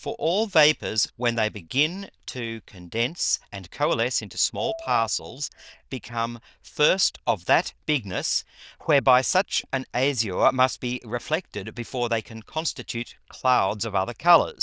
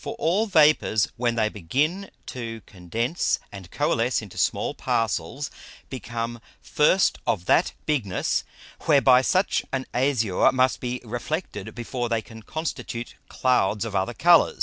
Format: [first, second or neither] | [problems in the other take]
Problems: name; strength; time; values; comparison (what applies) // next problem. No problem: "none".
second | noise reduction (neural diffusion model UNIVERSE++)